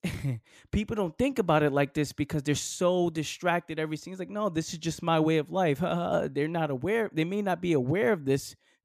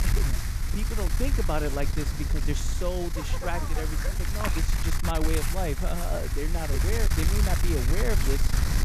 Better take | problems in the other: first | wind noise on the microphone; heavy; 1 dB below the speech

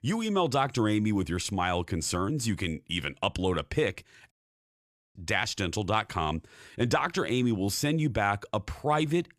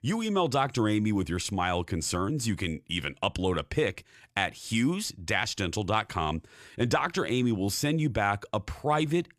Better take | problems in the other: second | audio cutting out; at 4.5 s for 1 s

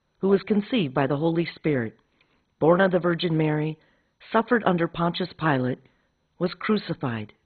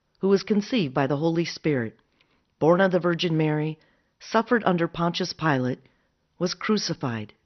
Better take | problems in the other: second | garbled, watery; badly; nothing above 4 kHz; slightly in the second

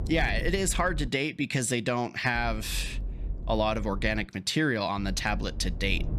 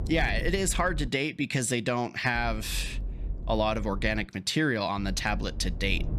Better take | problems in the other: neither | low rumble; faint; until 1 s, from 2.5 to 4 s and from 5 s on; 20 dB below the speech; the same in both

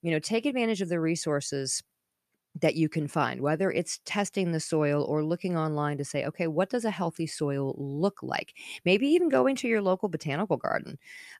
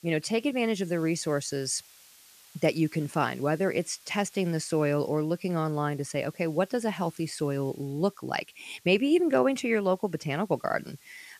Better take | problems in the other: first | hiss; faint; throughout; 25 dB below the speech

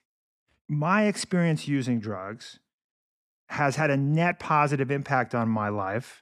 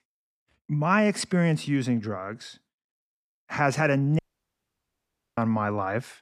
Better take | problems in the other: first | audio cutting out; at 4 s for 1 s

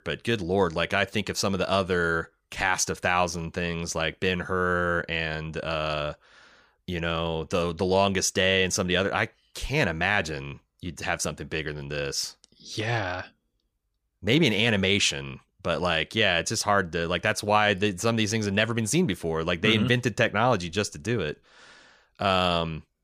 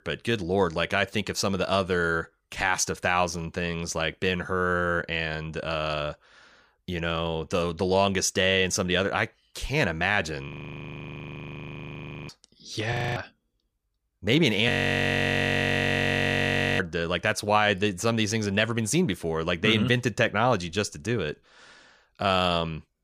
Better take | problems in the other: first | audio freezing; at 10 s for 2 s, at 13 s and at 15 s for 2 s

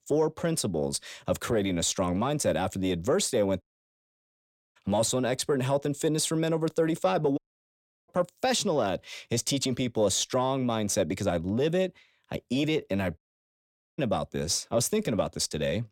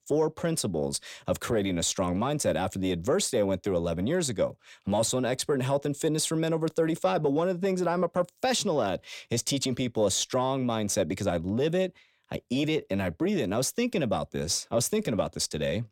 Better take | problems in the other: second | audio cutting out; at 3.5 s for 1 s, at 7.5 s for 0.5 s and at 13 s for 1 s

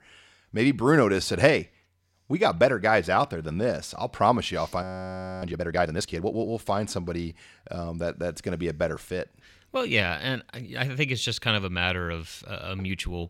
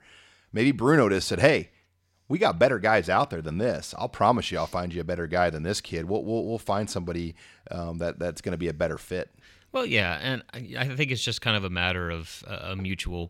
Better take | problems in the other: second | audio freezing; at 5 s for 0.5 s

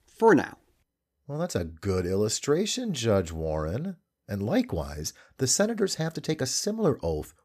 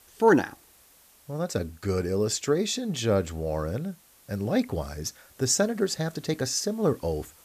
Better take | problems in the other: first | hiss; faint; throughout; 25 dB below the speech

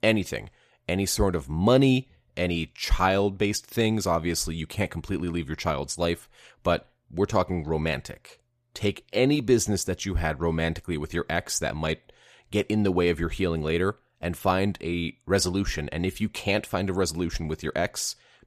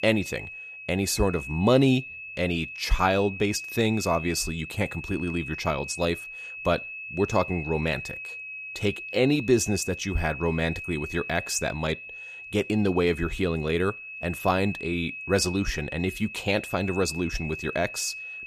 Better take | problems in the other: first | high-pitched whine; loud; throughout; 2.5 kHz, 9 dB below the speech

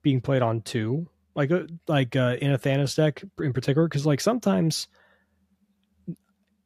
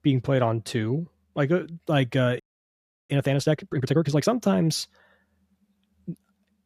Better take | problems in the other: first | audio freezing; at 2.5 s for 0.5 s

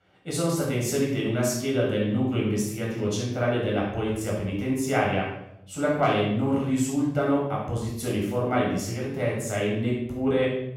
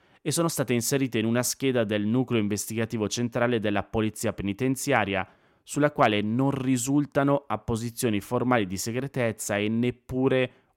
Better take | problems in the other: second | off-mic speech; far // room echo; noticeable; dies away in 0.7 s

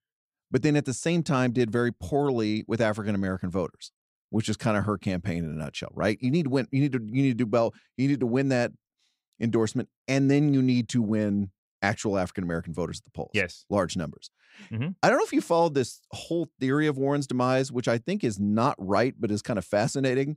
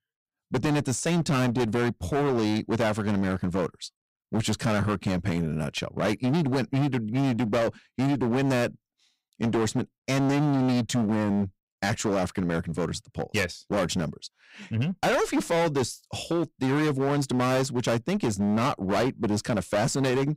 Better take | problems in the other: first | distortion; heavy; 24% of the sound clipped

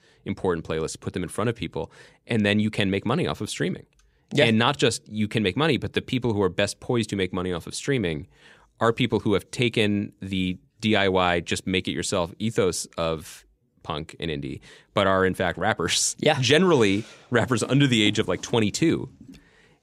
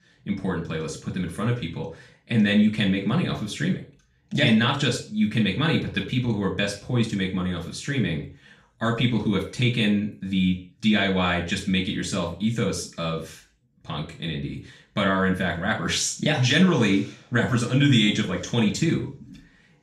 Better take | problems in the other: first | room echo; slight; dies away in 0.3 s // off-mic speech; far

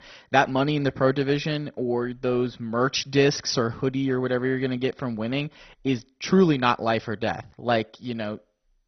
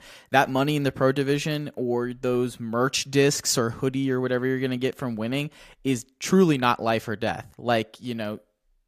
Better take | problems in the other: second | garbled, watery; badly; nothing above 6 kHz

